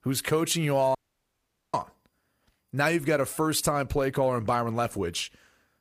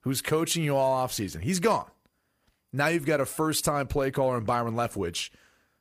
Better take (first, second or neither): second